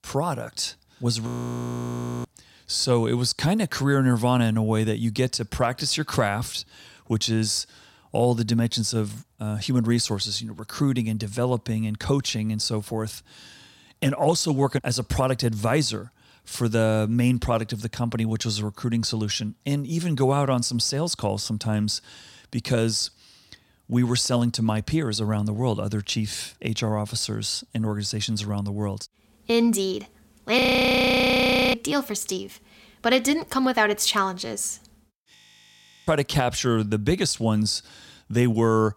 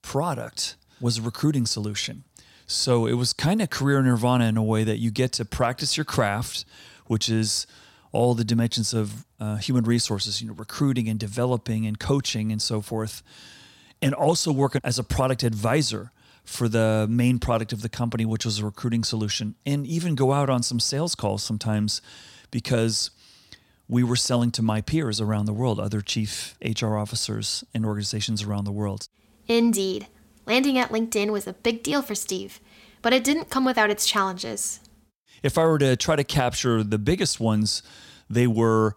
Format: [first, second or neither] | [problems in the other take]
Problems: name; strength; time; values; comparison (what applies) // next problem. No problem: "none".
second | audio freezing; at 1.5 s for 1 s, at 31 s for 1 s and at 35 s for 0.5 s